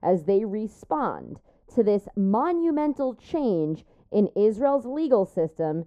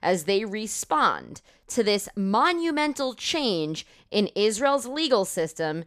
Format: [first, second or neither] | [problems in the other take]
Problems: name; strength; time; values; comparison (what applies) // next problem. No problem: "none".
second | muffled; very; fading above 1.5 kHz